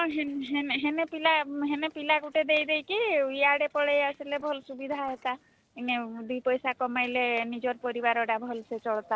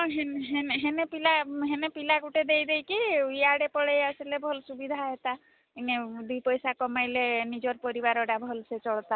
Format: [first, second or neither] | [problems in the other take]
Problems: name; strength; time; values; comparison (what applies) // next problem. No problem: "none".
second | noise reduction (neural separator model SepFormer DNS4)